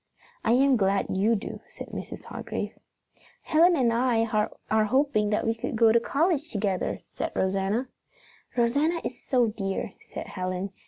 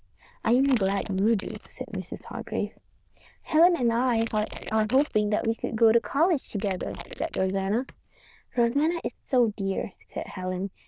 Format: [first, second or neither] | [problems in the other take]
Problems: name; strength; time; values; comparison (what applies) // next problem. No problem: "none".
first | noise reduction (neural diffusion model UNIVERSE++)